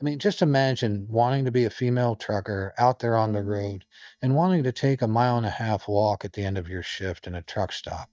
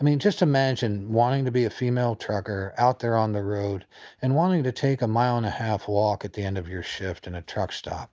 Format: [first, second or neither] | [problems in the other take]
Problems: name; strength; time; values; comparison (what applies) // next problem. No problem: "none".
second | noise reduction (neural mask model DeepFilterNet 3)